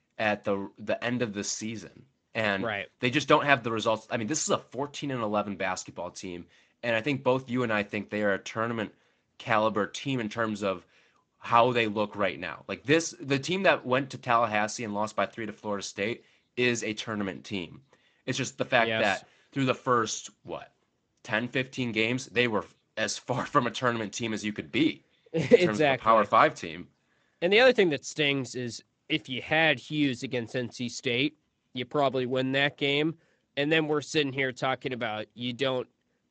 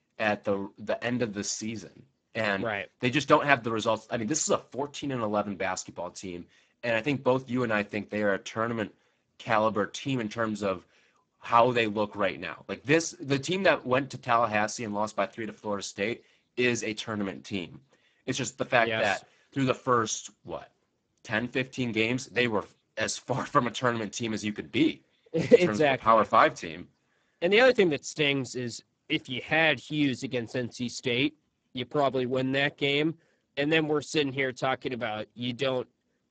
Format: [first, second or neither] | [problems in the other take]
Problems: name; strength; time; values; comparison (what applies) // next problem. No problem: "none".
first | garbled, watery; badly; nothing above 7.5 kHz; slightly in the first